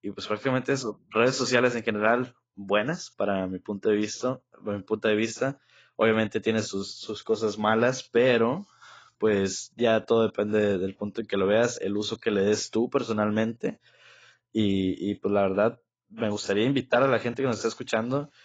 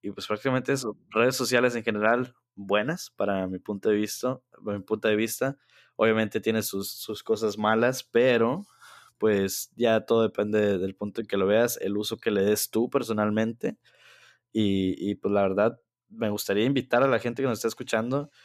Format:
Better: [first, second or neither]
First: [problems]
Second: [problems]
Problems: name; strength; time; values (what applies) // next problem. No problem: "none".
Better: second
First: garbled, watery; badly; nothing above 7.5 kHz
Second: none